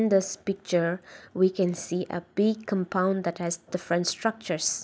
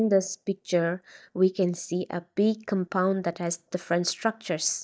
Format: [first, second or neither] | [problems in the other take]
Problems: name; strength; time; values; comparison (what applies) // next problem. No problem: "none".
first | noise reduction (neural mask model DeepFilterNet 3)